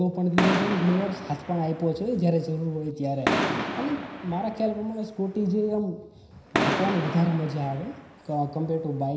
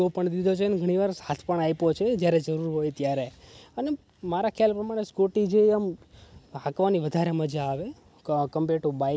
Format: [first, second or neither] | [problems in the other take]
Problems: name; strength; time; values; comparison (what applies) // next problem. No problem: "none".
second | background sound (Fireworks); 5 dB below the speech // room echo; dies away in 0.9 s